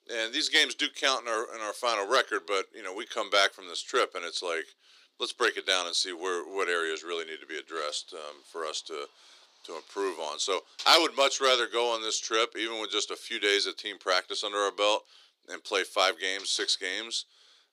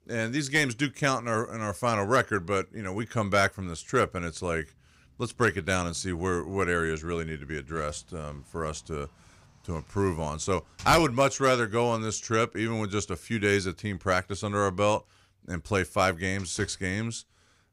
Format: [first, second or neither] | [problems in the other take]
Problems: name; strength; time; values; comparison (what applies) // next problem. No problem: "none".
second | thin; very; fading below 350 Hz